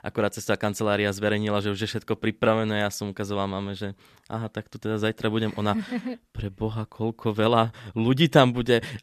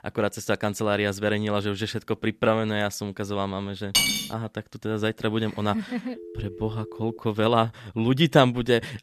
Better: first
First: none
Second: clattering dishes; loud; at 4 s; peak 5 dB above the speech // phone ringing; faint; from 6 to 7 s; peak 15 dB below the speech

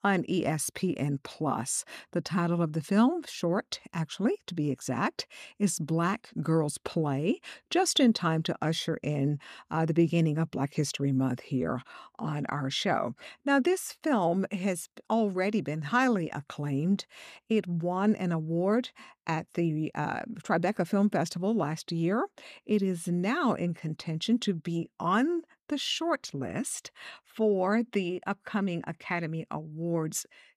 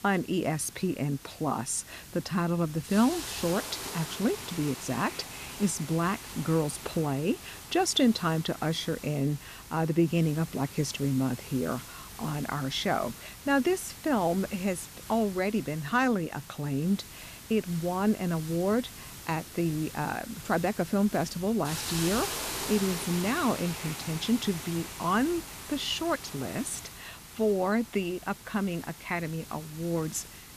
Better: first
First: none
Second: hiss; noticeable; throughout; 10 dB below the speech

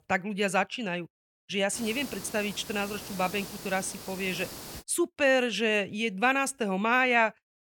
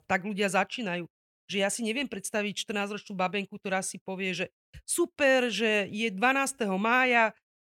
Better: second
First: hiss; noticeable; from 1.5 to 5 s; 15 dB below the speech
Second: none

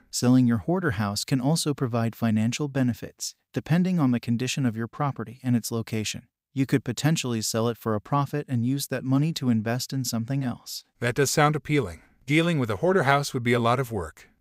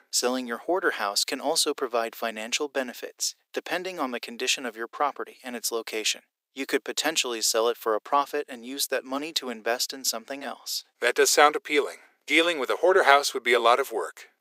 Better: first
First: none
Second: thin; very; fading below 350 Hz

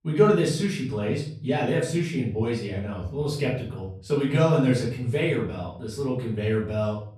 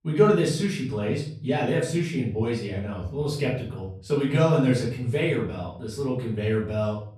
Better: neither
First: off-mic speech; far // room echo; noticeable; dies away in 0.5 s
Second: off-mic speech; far // room echo; noticeable; dies away in 0.5 s

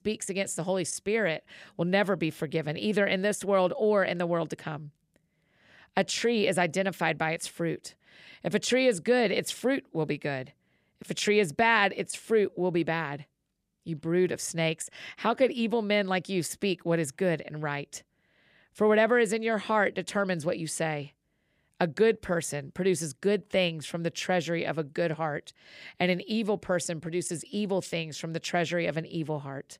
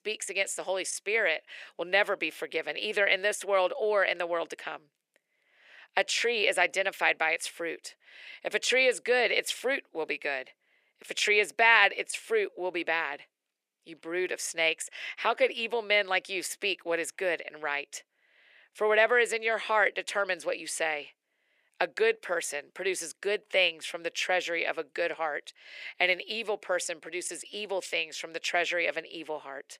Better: first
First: none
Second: thin; very; fading below 450 Hz

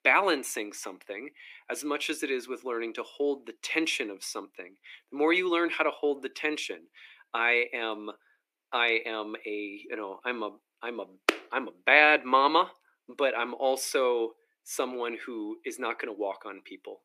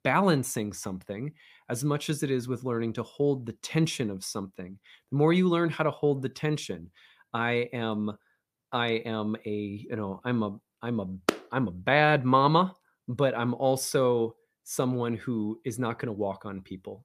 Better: second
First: thin; somewhat; fading below 300 Hz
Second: none

